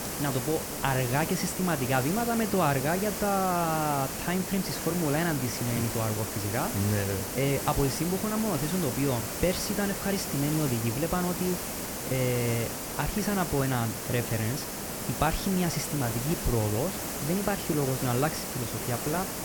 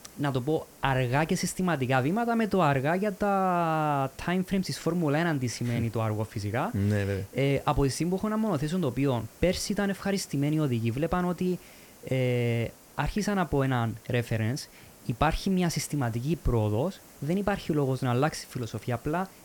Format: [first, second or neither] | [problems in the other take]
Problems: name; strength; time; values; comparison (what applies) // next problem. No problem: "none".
second | hiss; loud; throughout; 3 dB below the speech; faint in the second